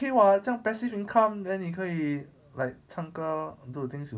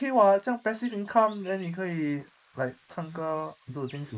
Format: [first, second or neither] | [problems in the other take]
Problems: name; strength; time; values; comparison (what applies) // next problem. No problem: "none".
first | noise reduction (neural mask model Resemble Enhance denoiser)